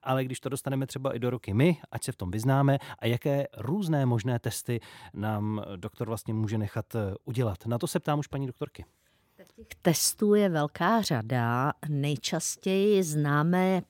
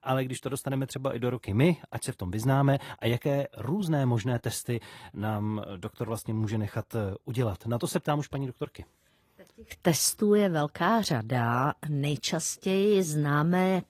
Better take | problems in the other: first | garbled, watery; slightly; nothing above 14.5 kHz

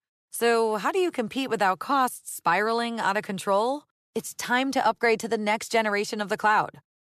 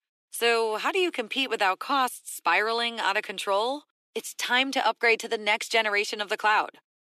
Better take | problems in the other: first | thin; very slightly; fading below 300 Hz

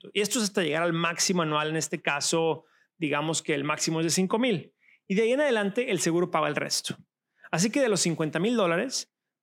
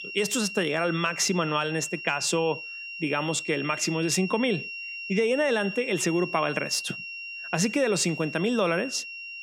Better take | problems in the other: first | high-pitched whine; loud; throughout; 2.5 kHz, 9 dB below the speech

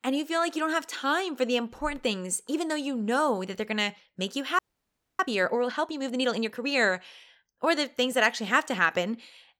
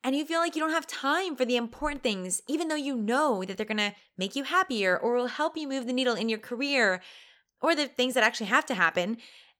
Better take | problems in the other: second | audio freezing; at 4.5 s for 0.5 s

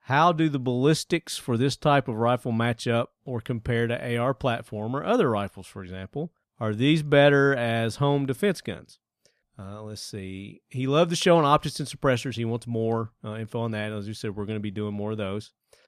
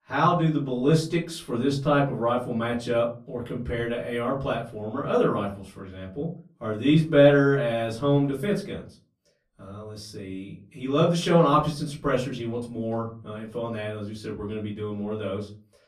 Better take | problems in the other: first | off-mic speech; far // room echo; slight; dies away in 0.3 s

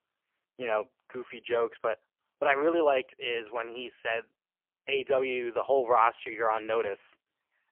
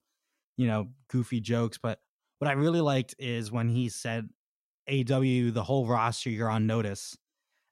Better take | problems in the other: second | phone-call audio; poor line; nothing above 3 kHz

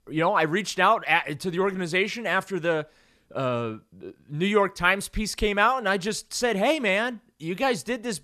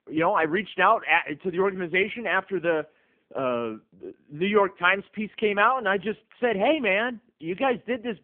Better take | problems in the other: first | phone-call audio; poor line; nothing above 3 kHz

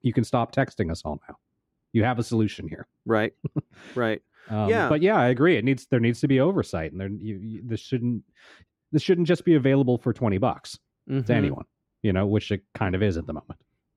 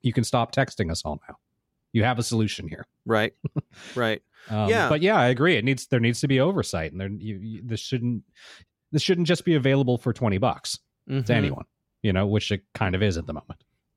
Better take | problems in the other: second | muffled; slightly; fading above 3 kHz

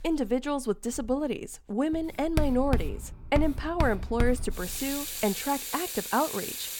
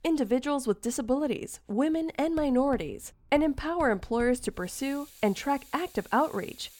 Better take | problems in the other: second | household noises; loud; throughout; 4 dB below the speech; faint in the second

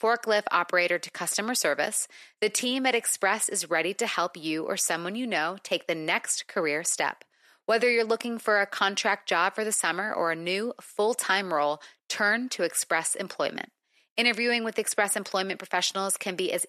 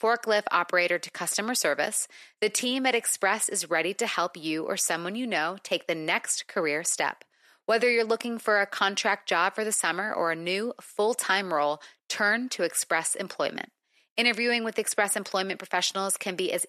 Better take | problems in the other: neither | thin; very; fading below 350 Hz; the same in both

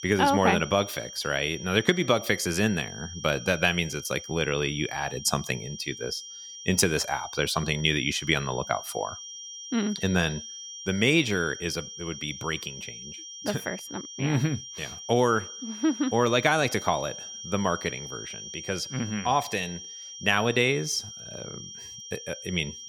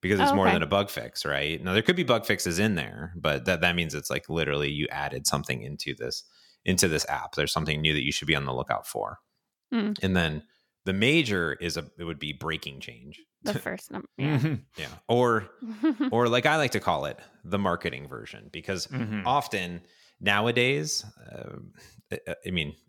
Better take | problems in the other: second | high-pitched whine; noticeable; throughout; 5.5 kHz, 10 dB below the speech

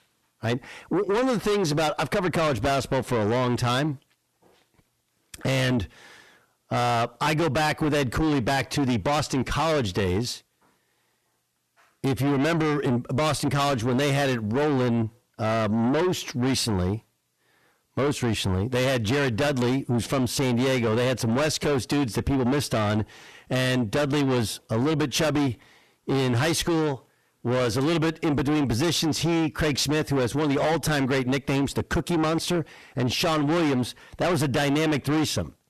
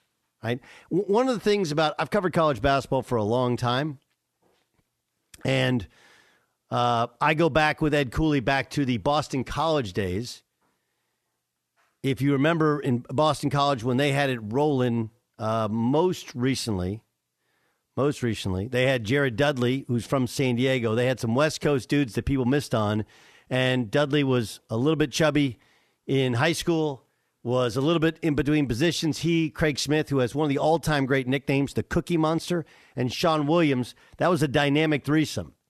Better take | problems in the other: second | distortion; heavy; 6 dB below the speech

